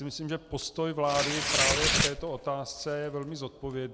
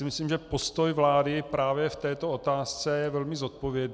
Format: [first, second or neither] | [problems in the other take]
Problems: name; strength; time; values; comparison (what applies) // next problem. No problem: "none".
second | background sound (Tearing); as loud as the speech